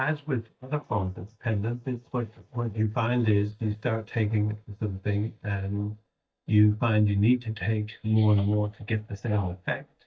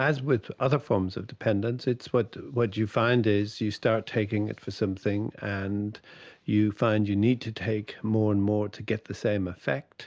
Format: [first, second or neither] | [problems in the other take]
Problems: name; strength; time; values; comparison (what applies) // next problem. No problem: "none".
second | noise reduction (neural mask model DeepFilterNet 3)